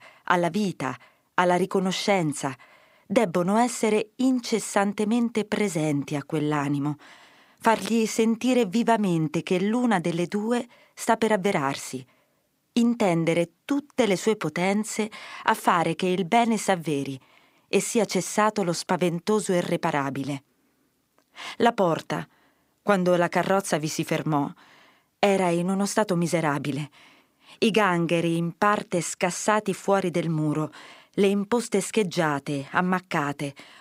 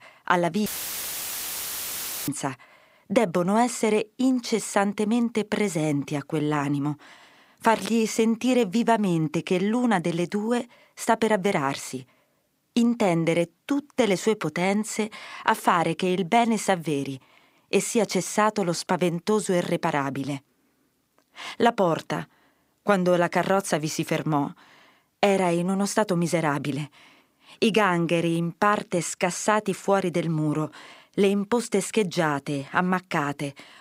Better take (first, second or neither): first